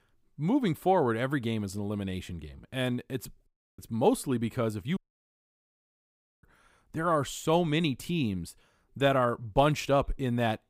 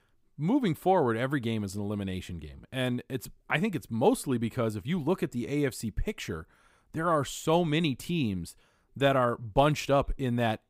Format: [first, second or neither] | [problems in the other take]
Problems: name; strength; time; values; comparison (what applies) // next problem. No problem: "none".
second | audio cutting out; at 3.5 s and at 5 s for 1.5 s